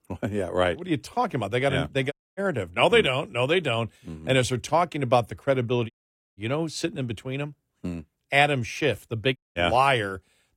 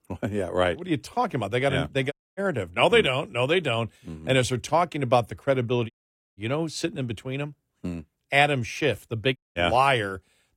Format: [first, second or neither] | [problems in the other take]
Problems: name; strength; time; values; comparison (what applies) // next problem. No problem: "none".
neither | audio cutting out; at 2 s, at 6 s and at 9.5 s; the same in both